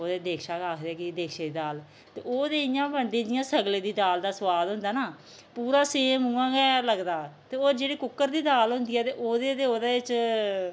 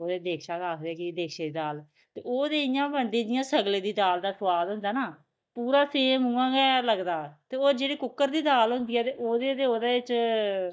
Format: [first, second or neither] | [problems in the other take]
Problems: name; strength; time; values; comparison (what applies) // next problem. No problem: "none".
first | noise reduction (neural mask model DeepFilterNet 3)